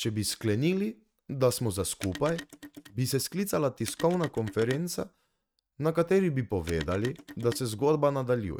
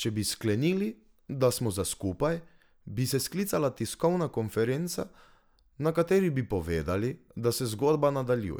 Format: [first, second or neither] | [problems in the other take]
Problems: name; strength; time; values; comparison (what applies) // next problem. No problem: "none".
second | noise reduction (neural mask model RNNoise)